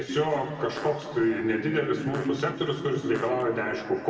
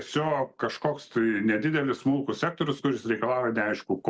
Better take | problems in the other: second | background sound (Fart); 17 dB below the speech // room echo; dies away in 2.4 s

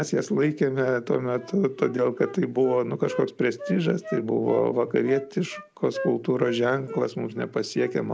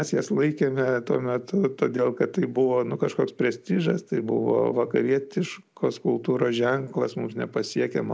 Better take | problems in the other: second | background sound (Wind instrument, woodwind instrument); 15 dB below the speech

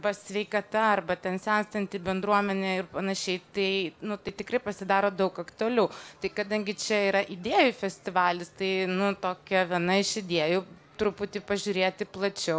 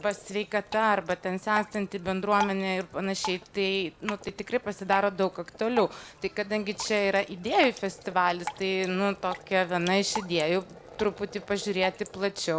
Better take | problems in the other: first | background sound (Drip); 13 dB below the speech

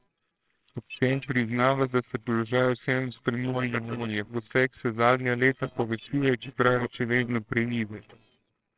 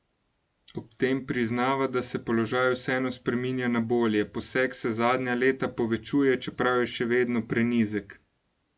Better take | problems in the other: second | noise reduction (neural separator model SepFormer WHAMR!)

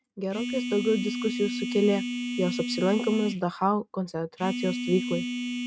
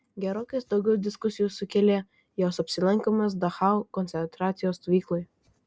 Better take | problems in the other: second | noise reduction (neural mask model RNNoise)

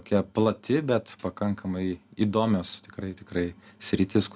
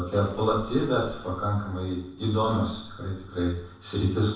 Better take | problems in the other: first | background sound (Bus / Engine); 19 dB below the speech // room echo; dies away in 0.7 s

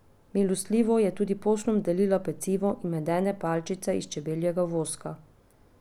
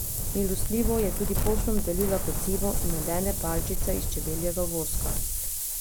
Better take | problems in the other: first | background sound (Wind); 3 dB above the speech

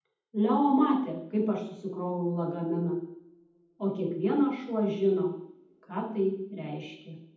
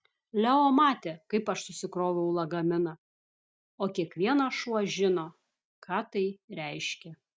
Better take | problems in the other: second | room echo; dies away in 0.8 s

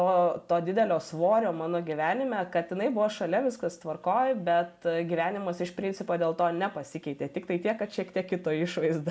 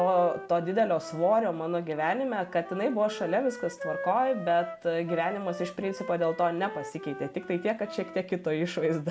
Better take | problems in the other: first | background sound (Wind instrument, woodwind instrument); 14 dB below the speech

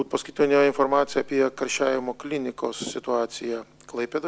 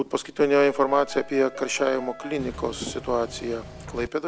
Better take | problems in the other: first | background sound (Engine / Mechanisms + Piano); 14 dB below the speech

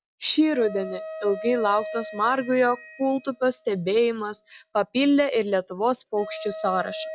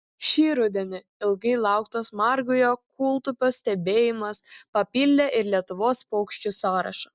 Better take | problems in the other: second | noise reduction (classical method log-MMSE)

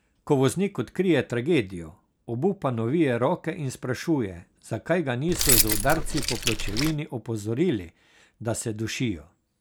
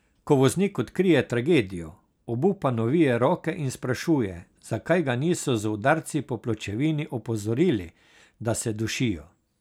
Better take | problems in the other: second | background sound (Keys jangling); 1 dB above the speech

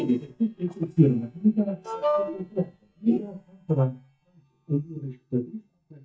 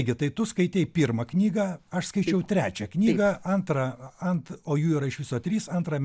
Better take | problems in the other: second | noise reduction (neural mask model DeepFilterNet 3)

